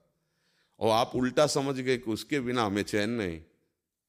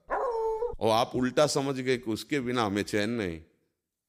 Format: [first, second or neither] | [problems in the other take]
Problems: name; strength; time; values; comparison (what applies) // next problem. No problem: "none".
first | dog barking; noticeable; at the start; peak 1 dB below the speech